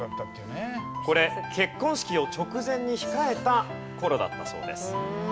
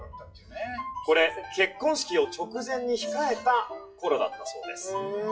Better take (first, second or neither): first